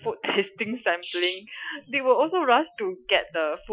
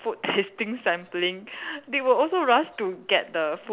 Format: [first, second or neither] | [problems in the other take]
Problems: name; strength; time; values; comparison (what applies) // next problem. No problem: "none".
second | noise reduction (classical method Wiener filter)